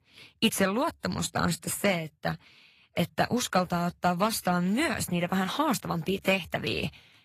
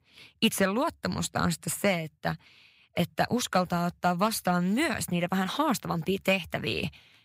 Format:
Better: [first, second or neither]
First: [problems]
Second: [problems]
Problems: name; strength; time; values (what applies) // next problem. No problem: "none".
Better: second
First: garbled, watery; slightly; nothing above 14.5 kHz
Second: none